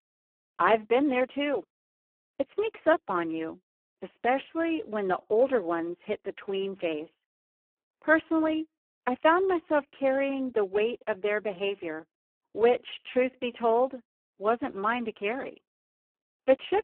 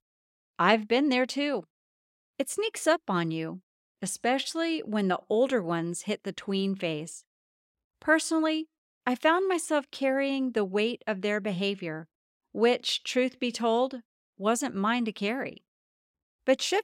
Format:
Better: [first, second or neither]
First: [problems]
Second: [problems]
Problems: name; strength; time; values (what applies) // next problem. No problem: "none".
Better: second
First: phone-call audio; poor line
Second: none